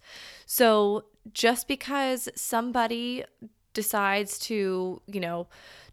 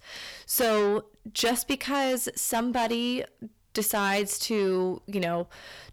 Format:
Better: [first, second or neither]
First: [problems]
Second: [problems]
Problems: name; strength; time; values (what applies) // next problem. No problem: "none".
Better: first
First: none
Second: distortion; heavy; 6 dB below the speech